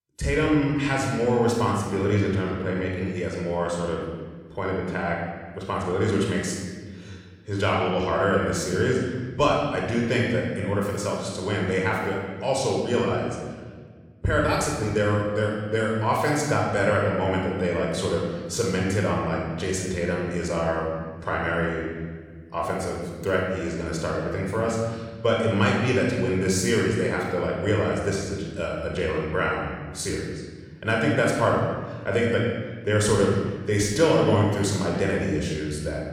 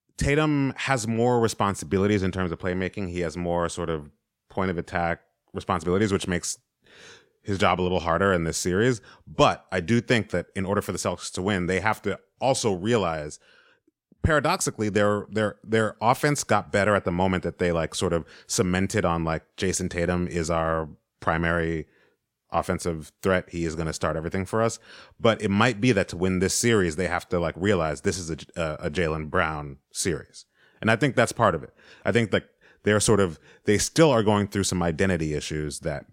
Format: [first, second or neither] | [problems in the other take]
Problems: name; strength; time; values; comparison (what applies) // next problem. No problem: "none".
second | off-mic speech; somewhat distant // room echo; noticeable; dies away in 1.4 s